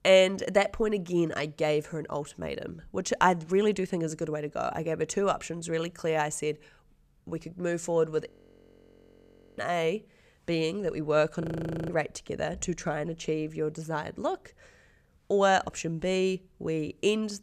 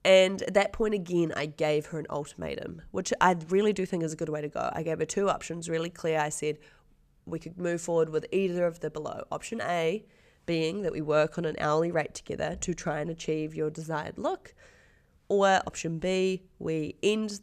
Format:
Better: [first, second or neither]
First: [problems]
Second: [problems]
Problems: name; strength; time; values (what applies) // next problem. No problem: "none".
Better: second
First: audio freezing; at 8.5 s for 1.5 s and at 11 s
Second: none